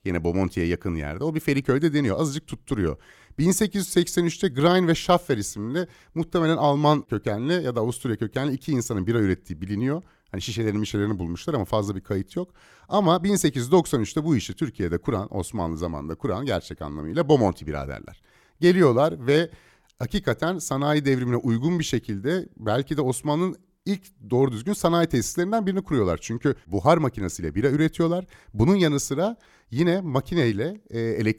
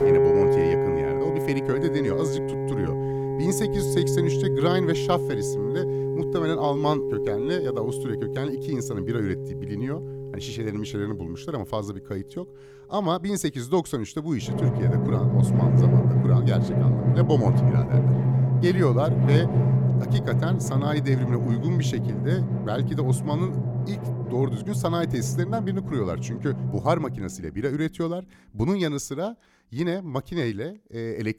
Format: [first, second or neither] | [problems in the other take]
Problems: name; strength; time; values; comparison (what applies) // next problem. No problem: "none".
first | background music; very loud; throughout; 4 dB above the speech